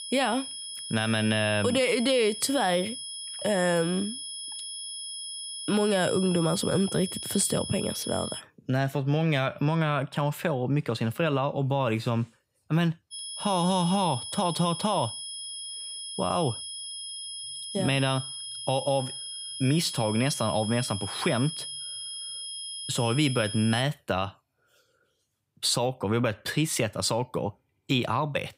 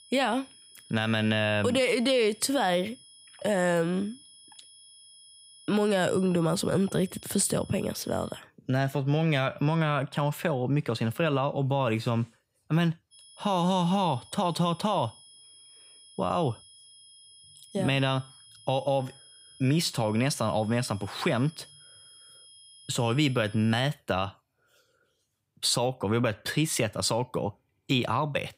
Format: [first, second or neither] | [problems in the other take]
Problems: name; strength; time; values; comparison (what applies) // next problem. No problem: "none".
second | high-pitched whine; loud; until 8.5 s and from 13 to 24 s; 3.5 kHz, 7 dB below the speech; faint in the second